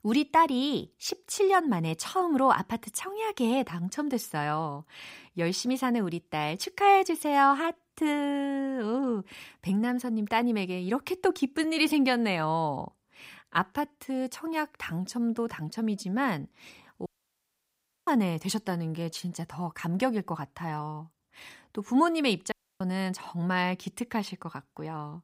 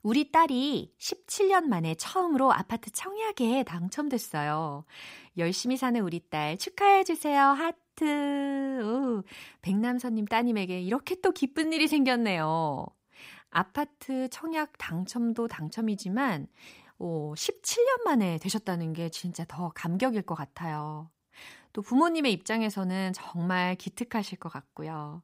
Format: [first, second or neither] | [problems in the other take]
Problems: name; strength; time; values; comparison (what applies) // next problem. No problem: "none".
second | audio cutting out; at 17 s for 1 s and at 23 s